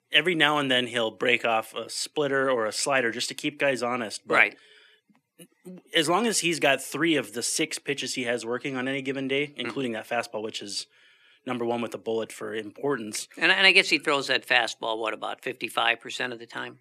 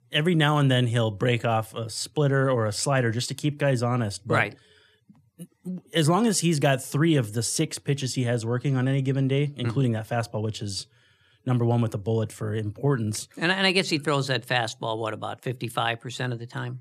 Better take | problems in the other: second | thin; somewhat; fading below 250 Hz

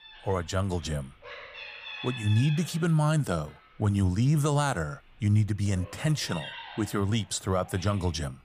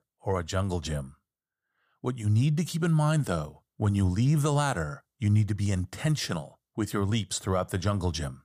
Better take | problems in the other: second | animal sounds; noticeable; throughout; 15 dB below the speech

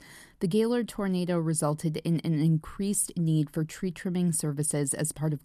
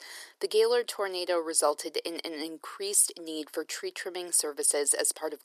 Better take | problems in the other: first | thin; very; fading below 400 Hz

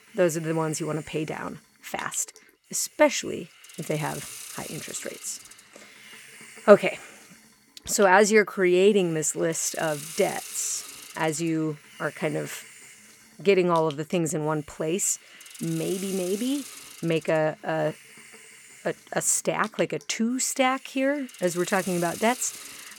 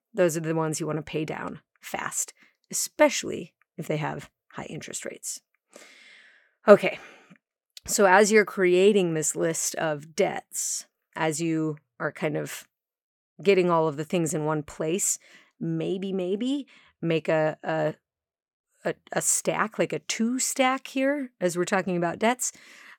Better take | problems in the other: second | hiss; noticeable; throughout; 15 dB below the speech

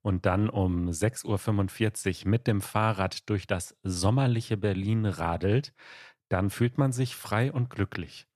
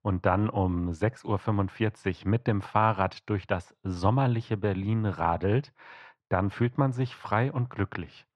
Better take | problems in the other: first | muffled; slightly; fading above 3 kHz

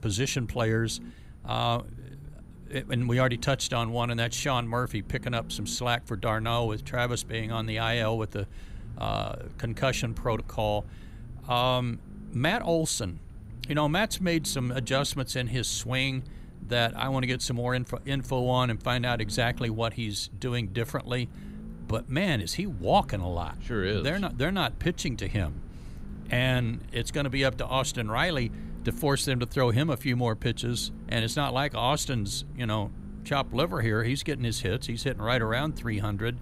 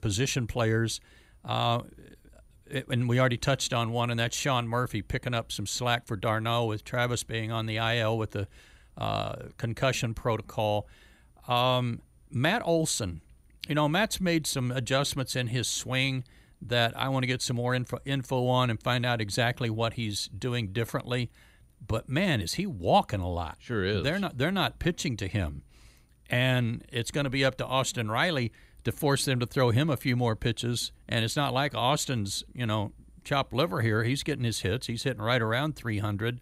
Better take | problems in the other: second | low rumble; faint; throughout; 25 dB below the speech

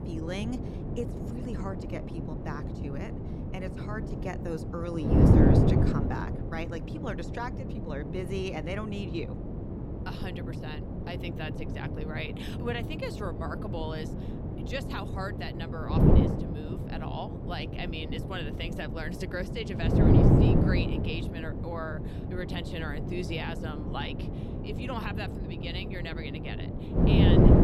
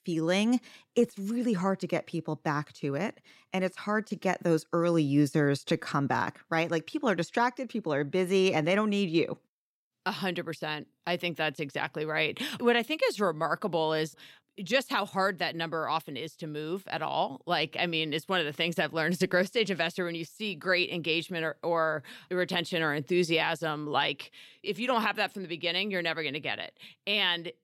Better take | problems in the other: second | wind noise on the microphone; heavy; 2 dB above the speech

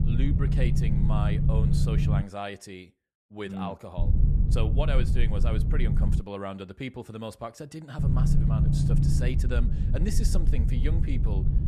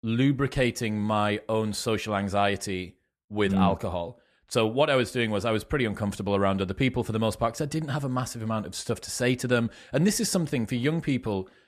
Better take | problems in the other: second | low rumble; loud; until 2 s, from 4 to 6 s and from 8 s on; 1 dB below the speech

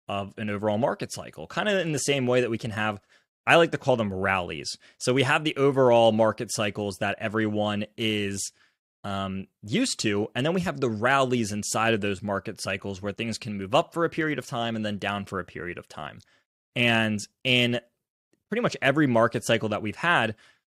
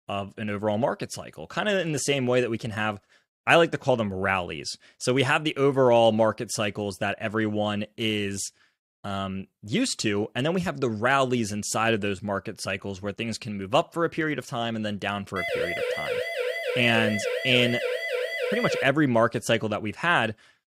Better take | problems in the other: first | siren; noticeable; from 15 to 19 s; peak 2 dB below the speech

